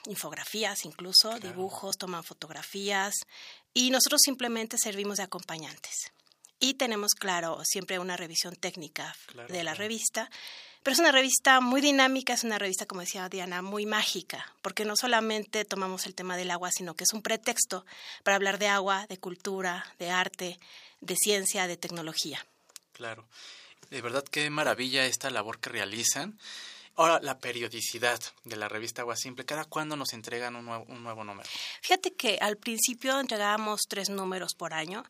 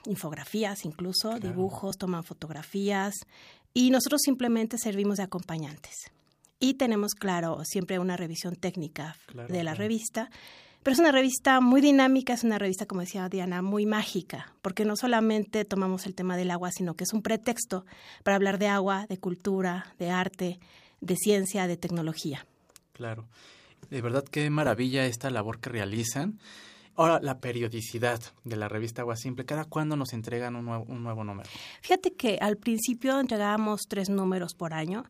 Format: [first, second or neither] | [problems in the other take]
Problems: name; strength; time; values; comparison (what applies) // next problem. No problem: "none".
second | thin; somewhat; fading below 950 Hz